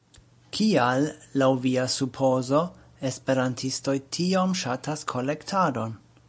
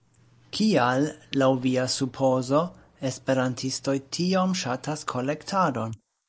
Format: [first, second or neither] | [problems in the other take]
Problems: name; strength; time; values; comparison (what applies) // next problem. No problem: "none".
first | noise reduction (neural mask model Resemble Enhance denoiser)